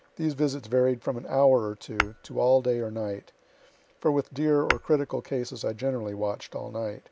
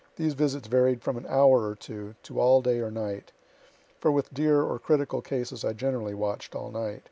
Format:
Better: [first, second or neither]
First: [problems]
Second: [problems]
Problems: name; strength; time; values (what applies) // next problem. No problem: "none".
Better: second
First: background sound (Tap / Hammer); 10 dB below the speech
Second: none